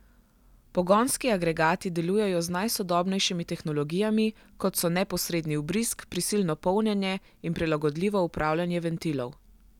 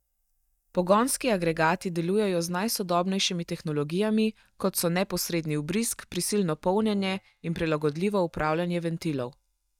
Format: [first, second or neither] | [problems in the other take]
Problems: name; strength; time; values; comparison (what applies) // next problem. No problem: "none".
first | noise reduction (neural mask model DeepFilterNet 3)